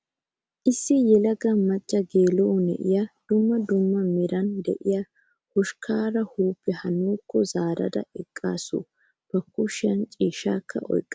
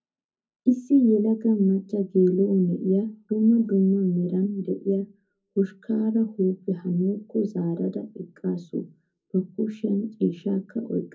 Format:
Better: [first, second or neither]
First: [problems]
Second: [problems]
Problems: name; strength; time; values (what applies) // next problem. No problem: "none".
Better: first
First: none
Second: room echo; dies away in 0.4 s